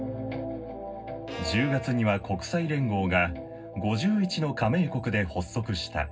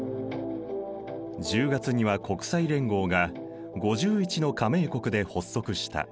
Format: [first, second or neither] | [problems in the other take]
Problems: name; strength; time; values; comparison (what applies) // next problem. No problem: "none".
second | background sound (Bowed string instrument); 16 dB below the speech // room echo; dies away in 0.4 s